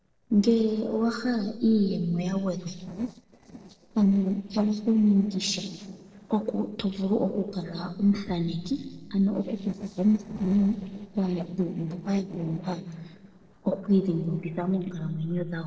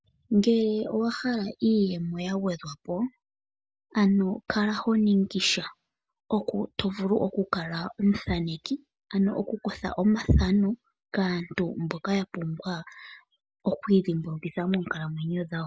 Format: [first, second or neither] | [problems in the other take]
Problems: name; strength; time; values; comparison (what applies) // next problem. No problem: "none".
second | noise reduction (neural separator model SepFormer DNS4)